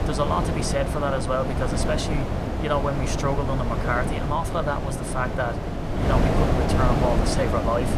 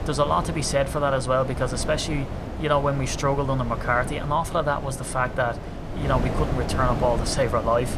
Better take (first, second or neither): second